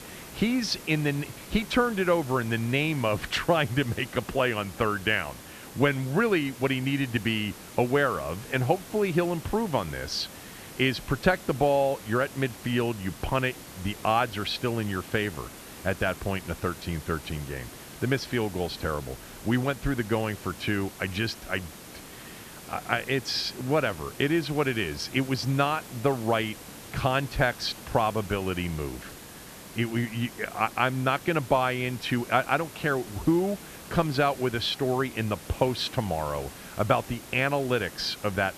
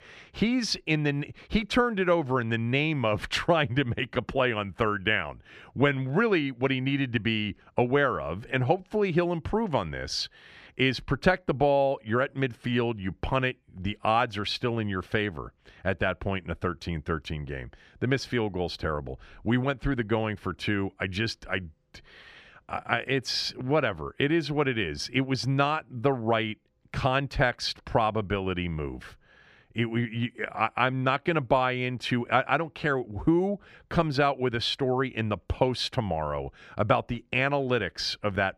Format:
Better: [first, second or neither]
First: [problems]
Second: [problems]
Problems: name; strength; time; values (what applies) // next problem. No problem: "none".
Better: second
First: hiss; noticeable; throughout; 15 dB below the speech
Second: none